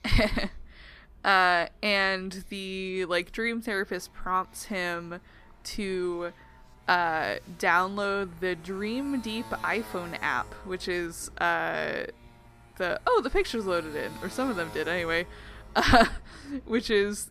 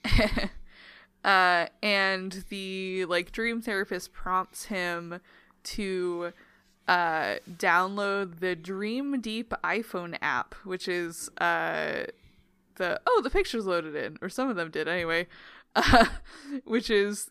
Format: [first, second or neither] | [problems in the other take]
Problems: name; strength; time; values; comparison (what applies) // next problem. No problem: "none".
second | traffic noise; faint; throughout; 20 dB below the speech